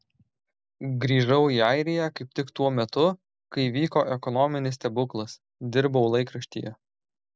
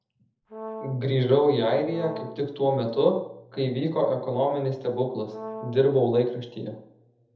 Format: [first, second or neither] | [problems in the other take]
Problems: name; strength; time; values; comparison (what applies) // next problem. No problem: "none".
first | background sound (Brass instrument); 13 dB below the speech // room echo; dies away in 0.7 s